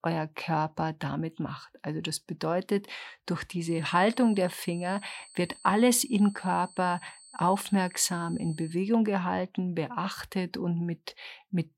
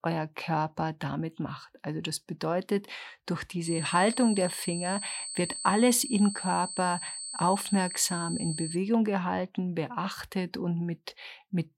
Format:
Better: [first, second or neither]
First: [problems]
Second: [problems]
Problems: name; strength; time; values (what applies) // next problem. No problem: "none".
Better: first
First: high-pitched whine; faint; from 3.5 to 9 s; 8 kHz, 20 dB below the speech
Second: high-pitched whine; loud; from 3.5 to 9 s; 8 kHz, 6 dB below the speech